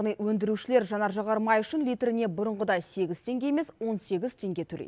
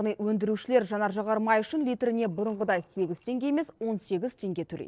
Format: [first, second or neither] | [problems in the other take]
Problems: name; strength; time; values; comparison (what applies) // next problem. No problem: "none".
first | noise reduction (neural separator model SepFormer DNS4)